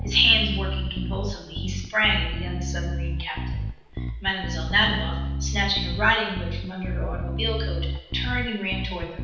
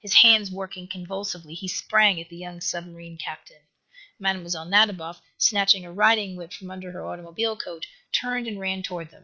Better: second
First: background sound (Bass guitar); 2 dB below the speech // room echo; dies away in 0.9 s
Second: none

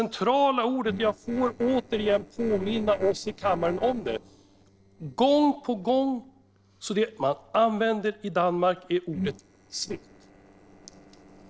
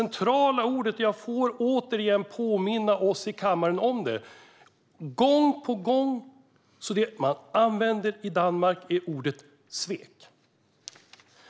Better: second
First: noise reduction (neural separator model SepFormer DNS4)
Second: none

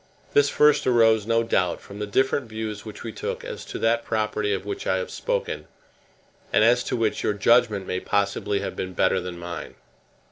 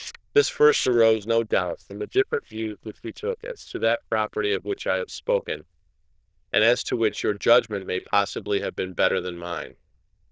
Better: first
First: none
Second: noise reduction (neural diffusion model UNIVERSE++)

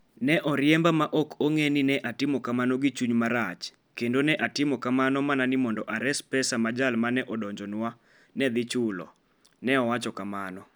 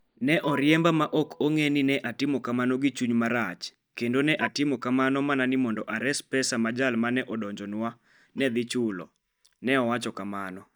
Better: first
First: none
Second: noise reduction (neural mask model DeepFilterNet 3)

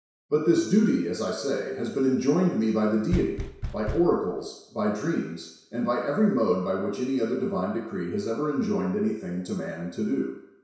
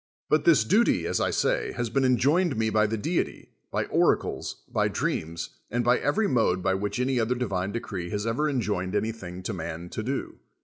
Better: second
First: background sound (Knock); 7 dB below the speech // room echo; dies away in 0.7 s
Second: none

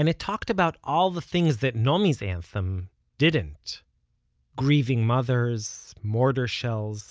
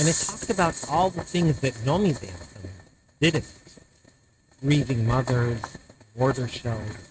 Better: first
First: none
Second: noise reduction (neural mask model RNNoise)

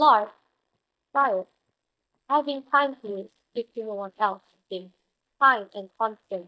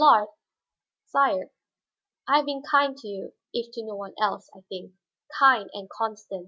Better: second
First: noise reduction (neural mask model DeepFilterNet 3)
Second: none

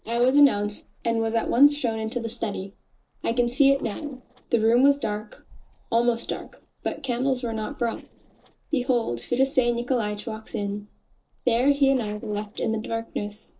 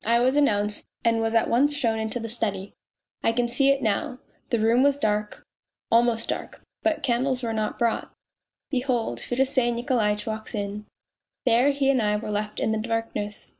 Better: second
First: noise reduction (neural separator model SepFormer DNS4)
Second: none

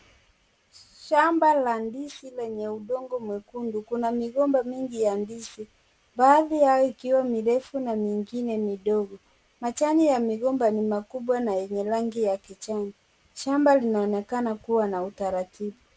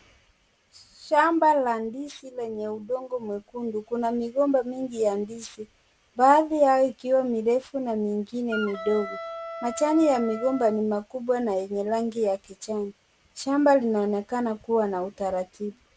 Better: first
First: none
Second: background sound (Wind instrument, woodwind instrument); 11 dB below the speech

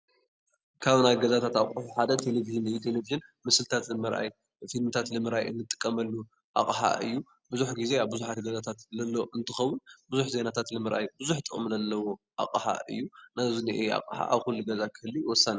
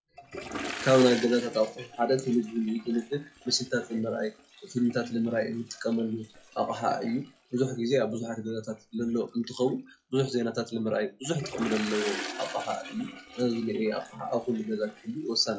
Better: first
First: none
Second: noise reduction (classical method WPE with log-MMSE)

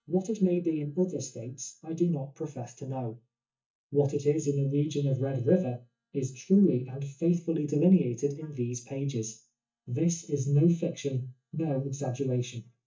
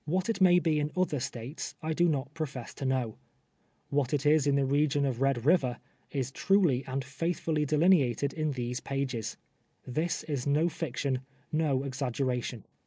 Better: second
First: noise reduction (neural mask model DeepFilterNet 3)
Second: none

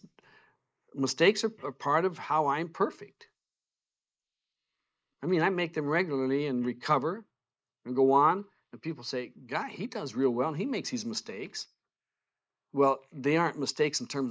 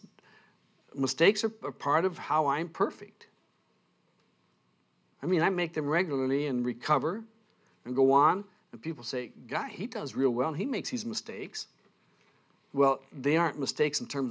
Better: second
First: noise reduction (neural mask model Resemble Enhance denoiser)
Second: none

